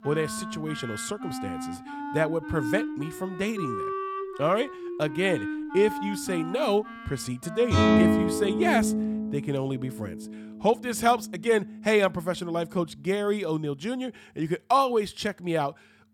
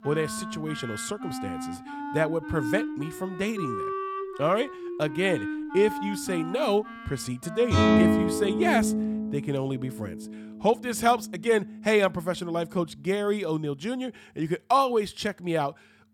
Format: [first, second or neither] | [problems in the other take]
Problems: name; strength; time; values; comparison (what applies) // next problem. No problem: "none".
neither | background music; loud; throughout; 3 dB below the speech; the same in both